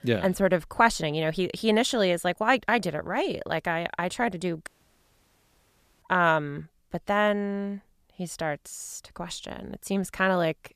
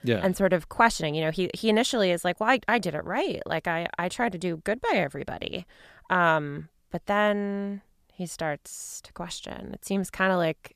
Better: second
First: audio cutting out; at 4.5 s for 1.5 s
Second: none

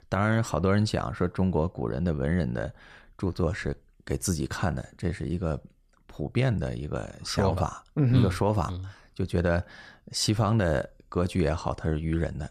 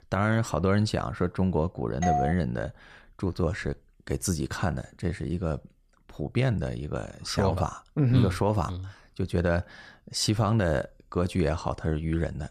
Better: first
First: none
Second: doorbell; loud; at 2 s; peak level with the speech

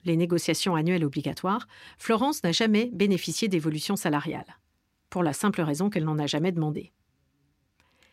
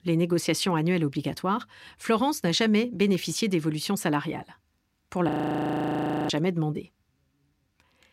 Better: first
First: none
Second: audio freezing; at 5.5 s for 1 s

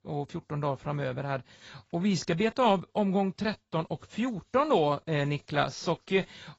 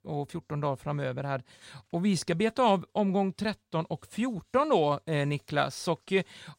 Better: second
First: garbled, watery; badly; nothing above 7.5 kHz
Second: none

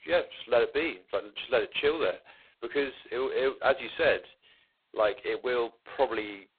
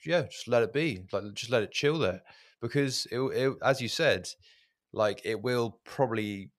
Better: second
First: phone-call audio; poor line; nothing above 4 kHz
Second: none

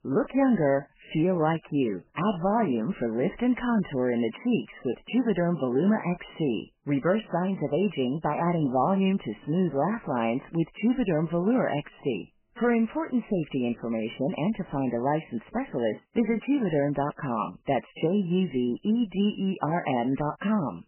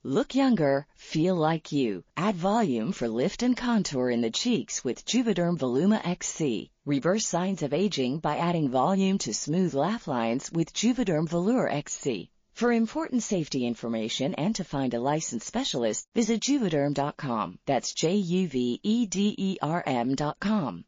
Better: second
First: garbled, watery; badly; nothing above 3 kHz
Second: garbled, watery; slightly

